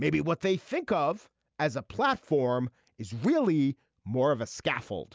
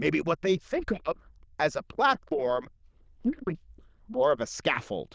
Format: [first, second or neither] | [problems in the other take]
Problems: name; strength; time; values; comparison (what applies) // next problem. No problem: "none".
first | noise reduction (neural diffusion model UNIVERSE++)